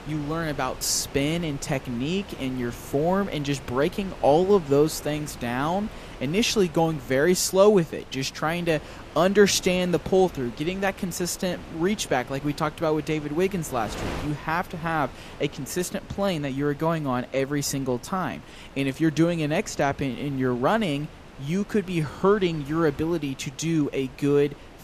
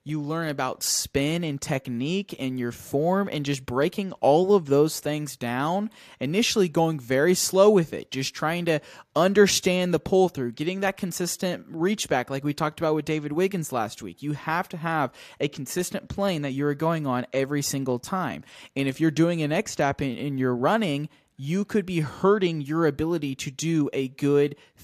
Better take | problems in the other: second | wind noise on the microphone; occasional gusts; 15 dB below the speech

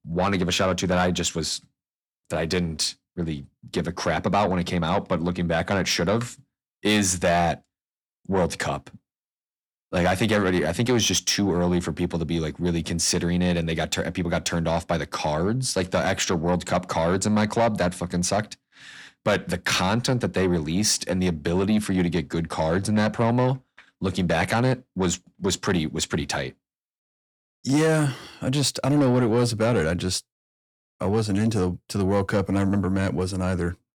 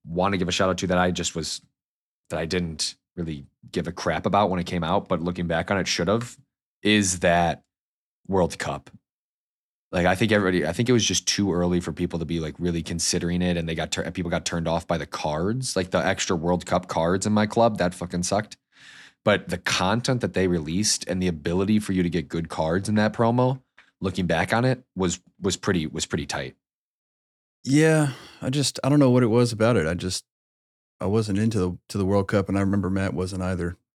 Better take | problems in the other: second | distortion; slight; 10 dB below the speech

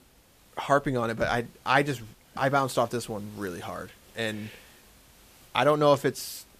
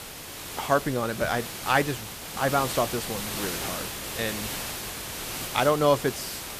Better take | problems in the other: first | hiss; loud; throughout; 6 dB below the speech; faint in the first

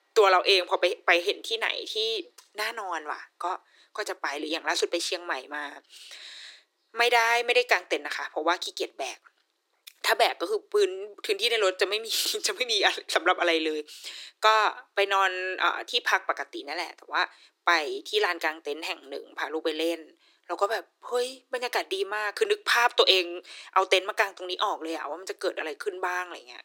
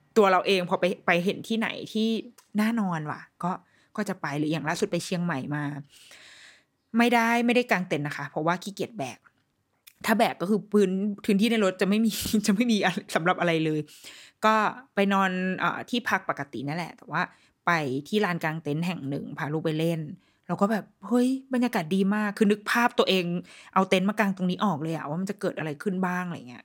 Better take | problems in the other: second | thin; very; fading below 350 Hz

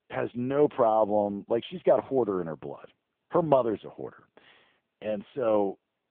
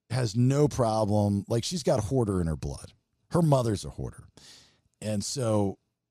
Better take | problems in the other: second | phone-call audio

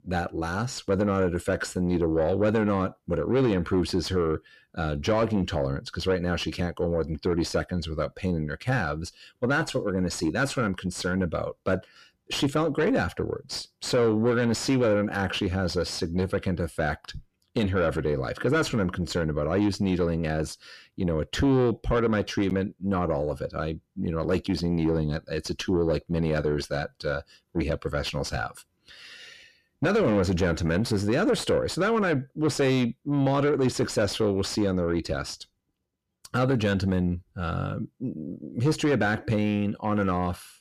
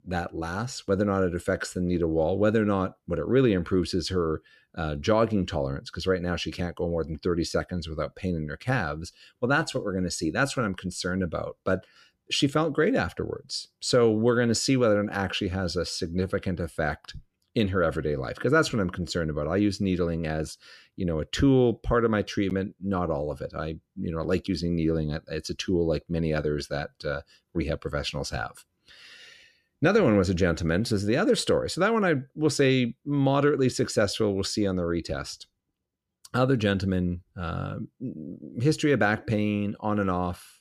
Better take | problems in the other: second | distortion; slight; 10 dB below the speech

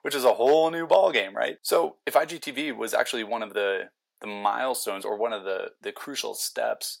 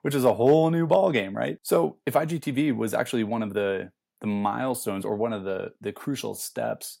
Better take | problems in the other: second | thin; somewhat; fading below 550 Hz

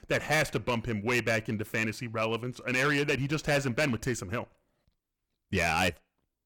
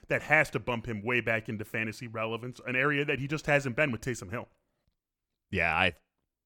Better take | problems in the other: second | distortion; heavy; 7% of the sound clipped

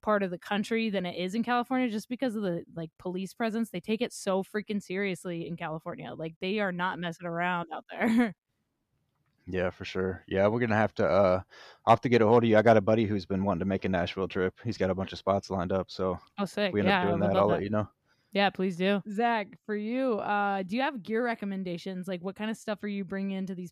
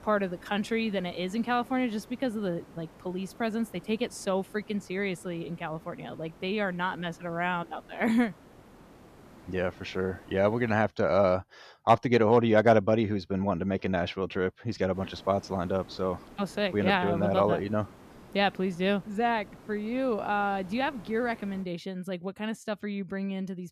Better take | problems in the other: first | hiss; faint; until 11 s and from 15 to 22 s; 25 dB below the speech

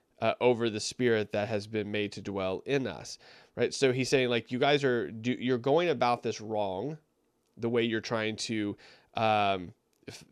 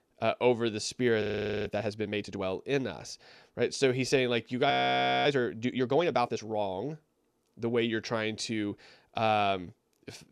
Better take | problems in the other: first | audio freezing; at 1 s and at 4.5 s for 0.5 s

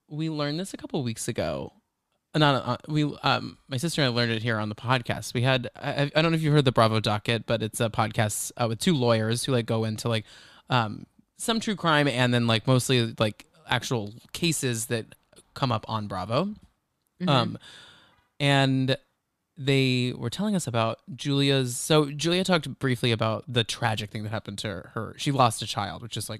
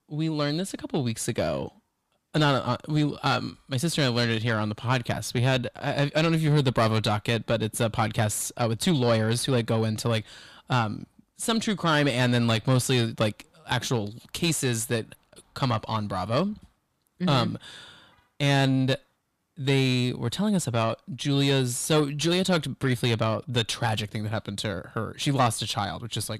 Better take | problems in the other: first | distortion; slight; 10 dB below the speech

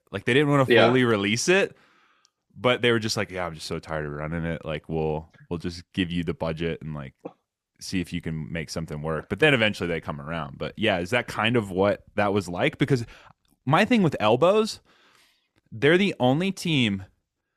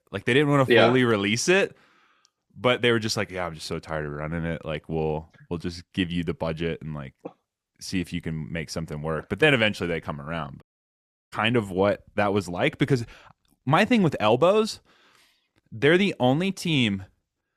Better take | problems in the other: first | audio cutting out; at 11 s for 0.5 s

